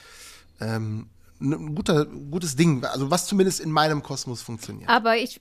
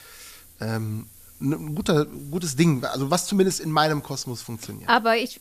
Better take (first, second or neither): first